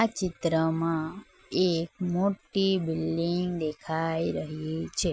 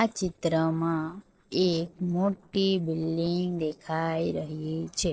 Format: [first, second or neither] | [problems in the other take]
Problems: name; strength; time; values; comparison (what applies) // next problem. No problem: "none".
first | noise reduction (neural separator model SepFormer DNS4)